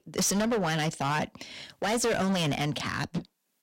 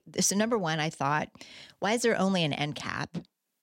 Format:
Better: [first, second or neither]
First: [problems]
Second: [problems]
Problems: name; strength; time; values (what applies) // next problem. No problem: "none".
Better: second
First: distortion; heavy; 17% of the sound clipped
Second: none